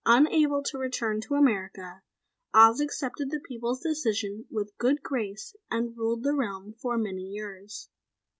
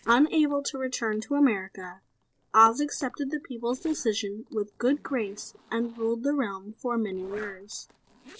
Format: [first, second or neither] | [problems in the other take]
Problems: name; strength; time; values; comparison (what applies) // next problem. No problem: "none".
first | noise reduction (neural separator model SepFormer DNS4)